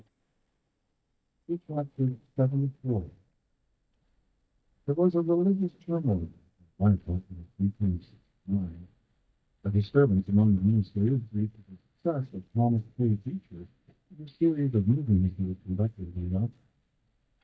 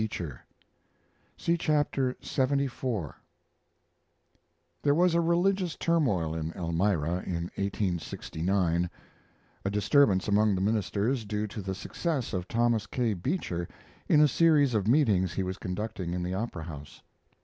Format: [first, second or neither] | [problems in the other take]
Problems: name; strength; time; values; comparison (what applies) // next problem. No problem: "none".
second | noise reduction (neural mask model DeepFilterNet 3)